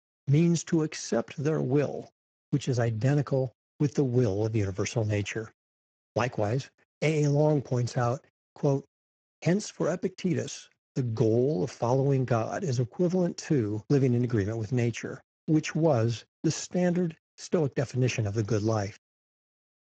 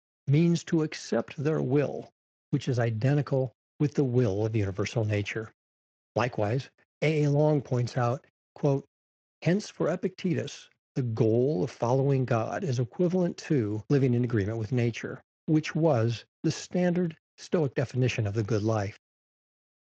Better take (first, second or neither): second